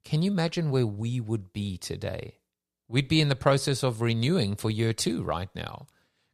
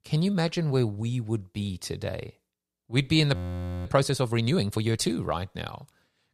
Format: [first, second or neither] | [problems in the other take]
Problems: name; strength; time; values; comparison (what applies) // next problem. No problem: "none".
first | audio freezing; at 3.5 s for 0.5 s